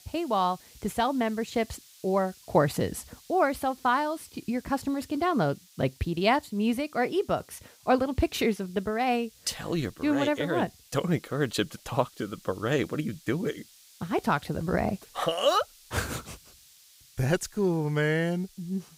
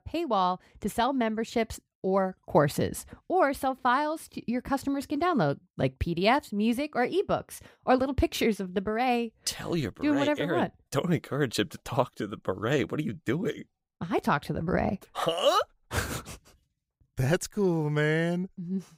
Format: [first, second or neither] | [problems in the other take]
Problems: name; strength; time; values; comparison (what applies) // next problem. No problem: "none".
second | hiss; faint; throughout; 25 dB below the speech